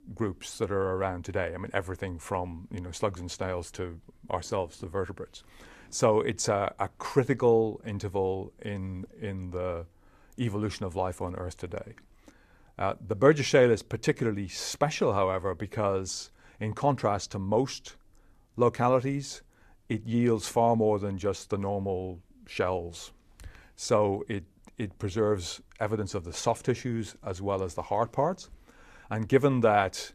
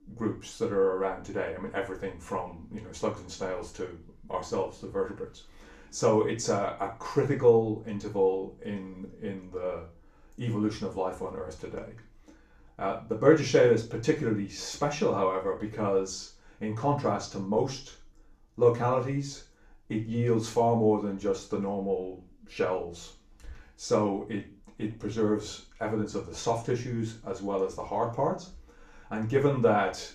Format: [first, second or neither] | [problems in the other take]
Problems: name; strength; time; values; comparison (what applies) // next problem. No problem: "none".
first | room echo; slight; dies away in 0.3 s // off-mic speech; far